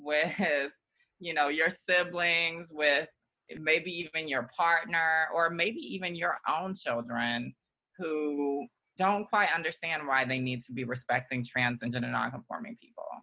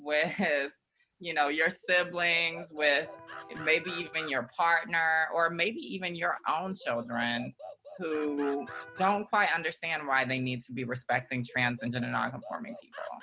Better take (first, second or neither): first